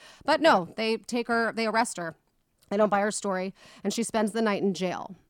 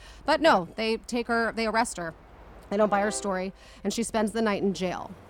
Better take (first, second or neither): first